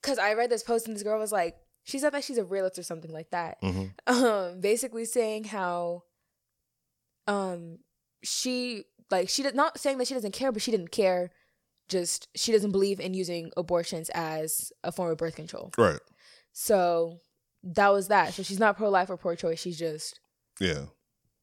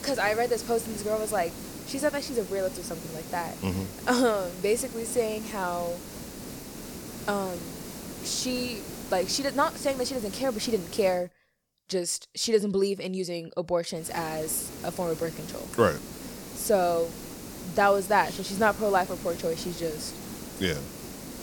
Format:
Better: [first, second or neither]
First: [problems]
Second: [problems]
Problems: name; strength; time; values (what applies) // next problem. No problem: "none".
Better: first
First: none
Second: hiss; noticeable; until 11 s and from 14 s on; 10 dB below the speech